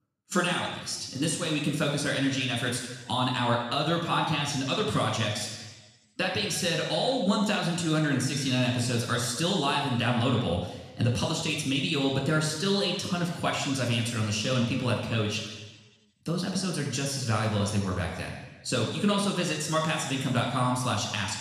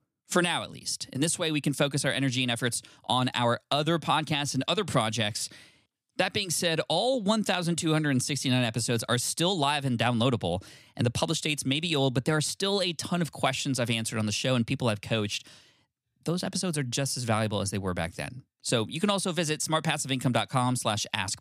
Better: second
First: room echo; noticeable; dies away in 1.1 s // off-mic speech; somewhat distant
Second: none

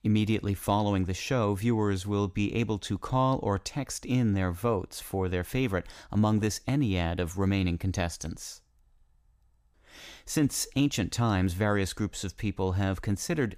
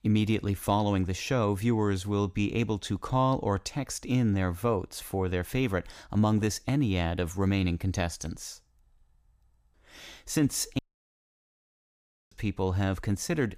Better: first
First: none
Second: audio cutting out; at 11 s for 1.5 s

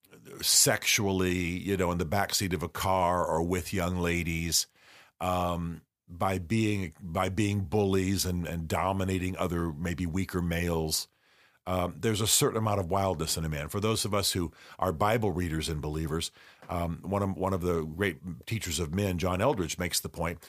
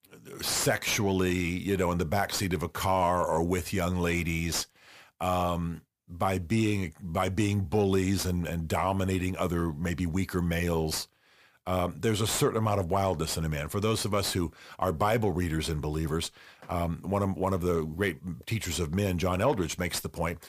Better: first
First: none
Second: distortion; slight; 10 dB below the speech

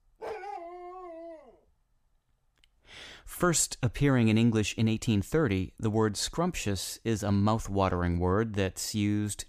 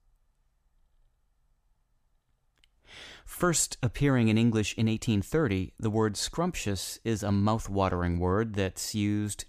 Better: second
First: dog barking; faint; until 1.5 s; peak 10 dB below the speech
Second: none

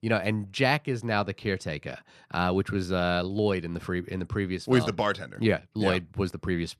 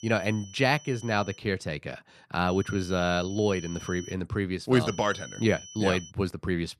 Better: first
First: none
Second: high-pitched whine; noticeable; until 1.5 s, from 2.5 to 4 s and from 5 to 6 s; 6 kHz, 15 dB below the speech

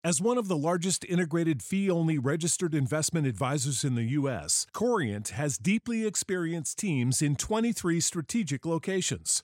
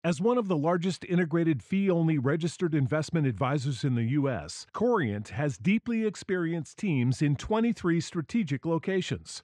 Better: first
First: none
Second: muffled; slightly; fading above 3 kHz

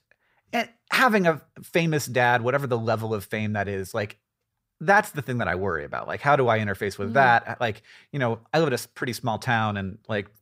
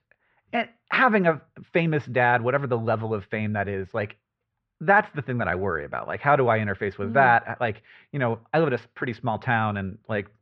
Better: first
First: none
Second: muffled; very; fading above 3 kHz

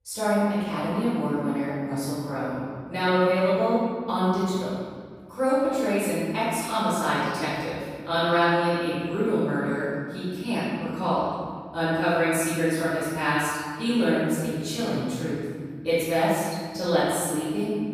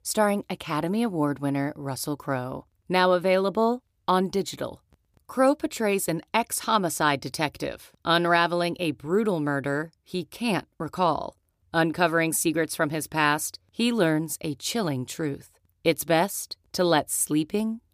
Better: second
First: room echo; strong; dies away in 1.8 s // off-mic speech; far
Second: none

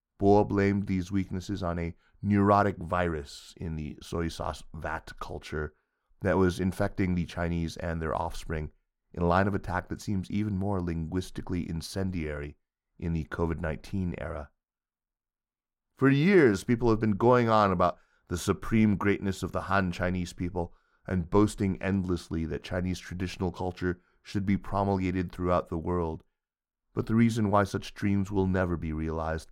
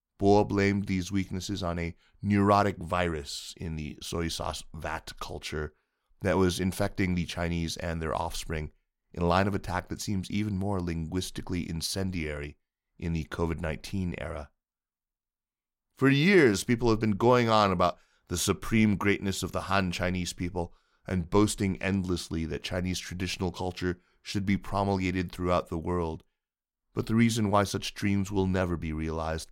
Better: second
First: muffled; slightly; fading above 1.5 kHz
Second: none

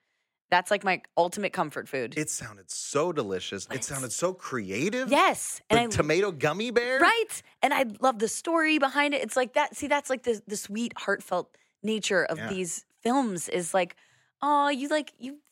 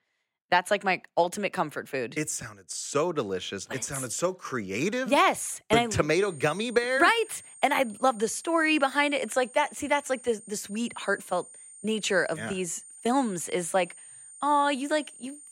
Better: first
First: none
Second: high-pitched whine; noticeable; from 6 s on; 8.5 kHz, 20 dB below the speech

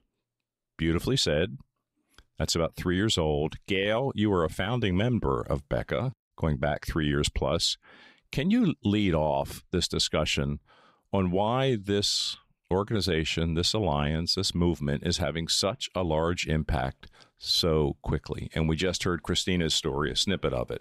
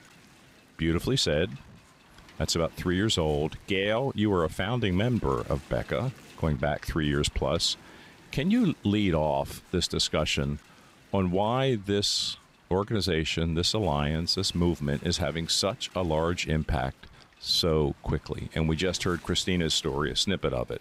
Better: first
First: none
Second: wind noise on the microphone; occasional gusts; 25 dB below the speech

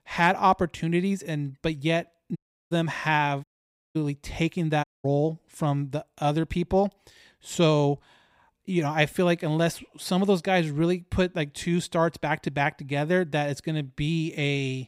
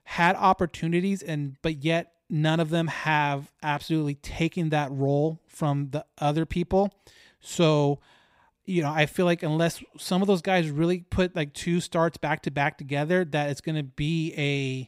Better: second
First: audio cutting out; at 2.5 s, at 3.5 s for 0.5 s and at 5 s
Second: none

